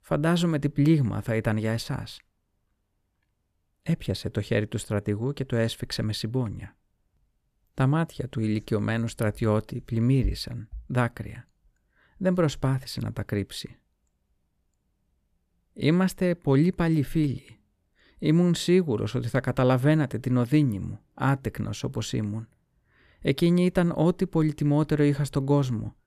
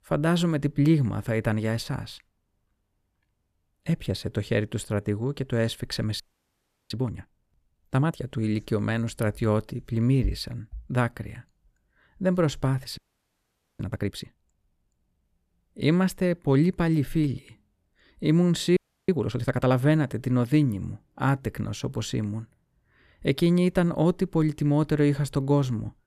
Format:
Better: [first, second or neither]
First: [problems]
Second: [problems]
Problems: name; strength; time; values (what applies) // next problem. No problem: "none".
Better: first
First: none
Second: audio freezing; at 6 s for 0.5 s, at 13 s for 1 s and at 19 s